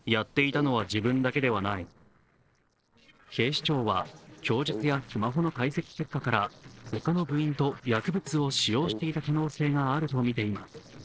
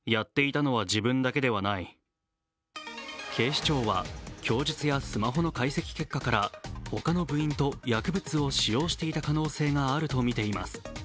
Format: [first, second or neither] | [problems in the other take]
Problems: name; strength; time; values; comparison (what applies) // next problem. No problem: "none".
second | noise reduction (neural separator model SepFormer DNS4)